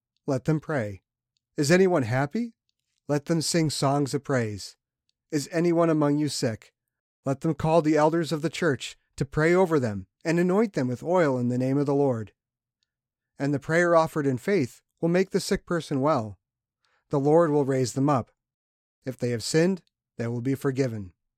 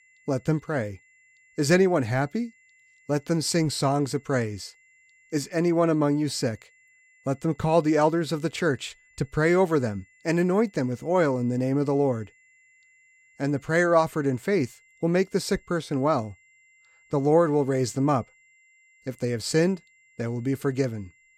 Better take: first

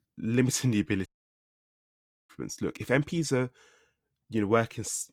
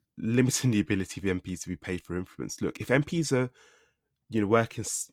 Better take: second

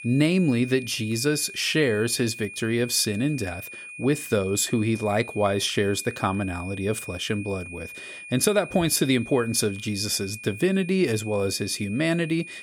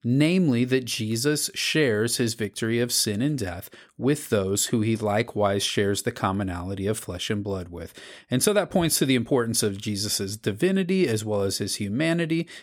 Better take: second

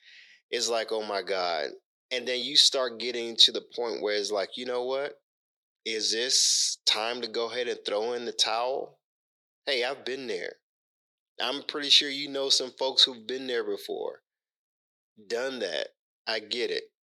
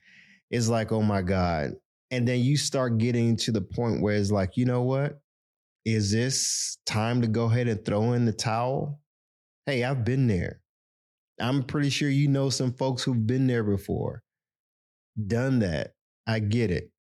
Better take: second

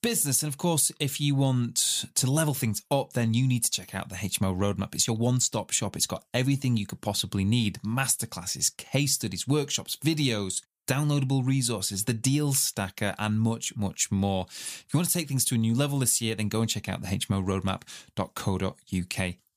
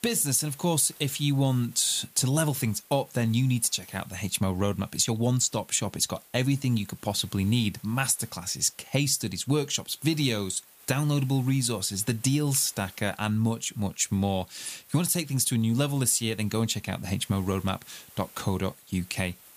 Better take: first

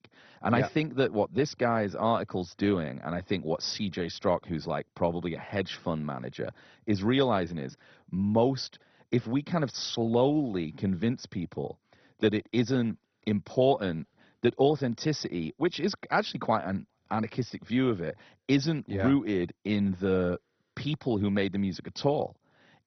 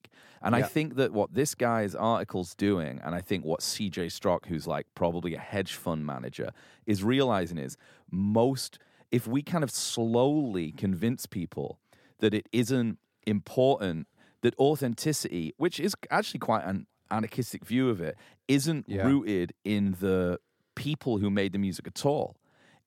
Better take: second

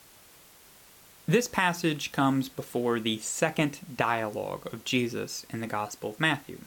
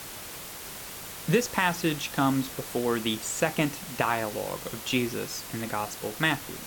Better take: first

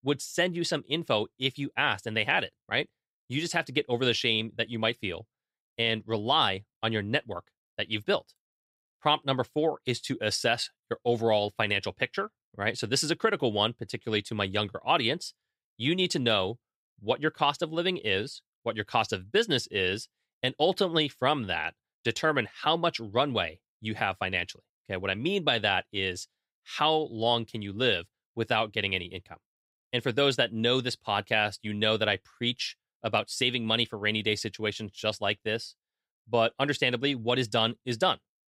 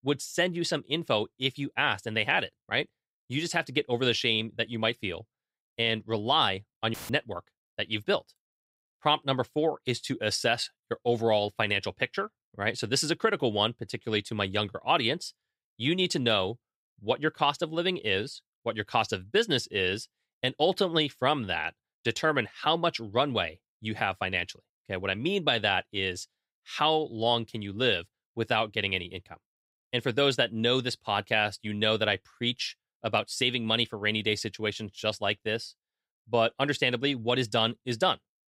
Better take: first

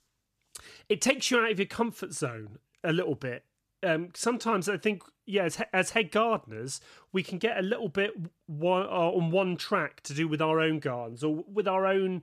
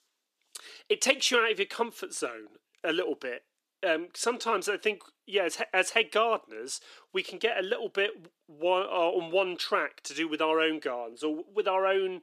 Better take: first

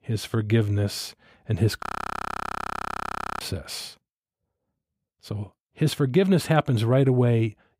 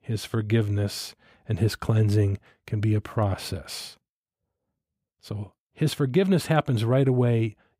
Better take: second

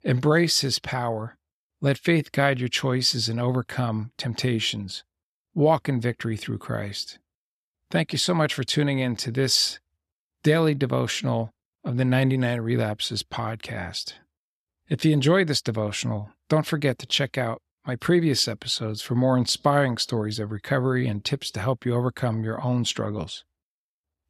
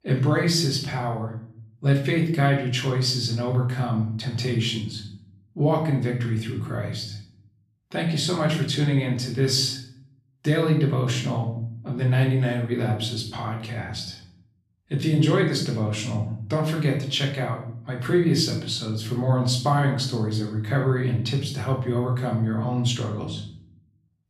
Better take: first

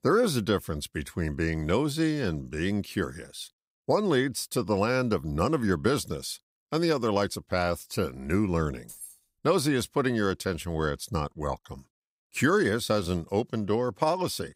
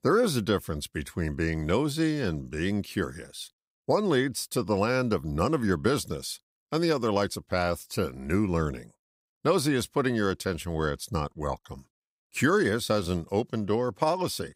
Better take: second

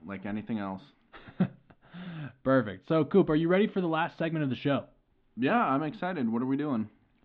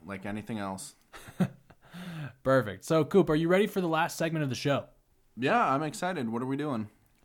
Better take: second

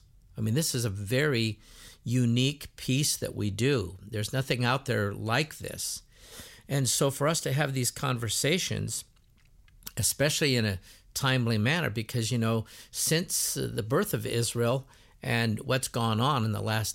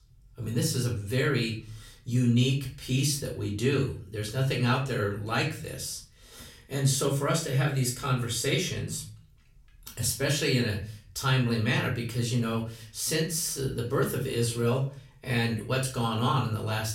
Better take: first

